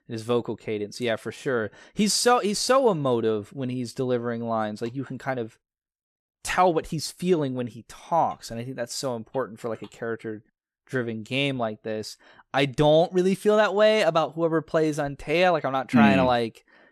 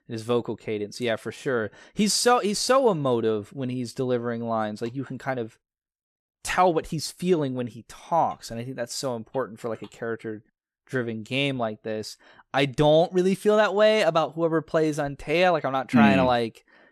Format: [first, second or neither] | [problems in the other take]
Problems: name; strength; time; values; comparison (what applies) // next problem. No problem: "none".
neither | none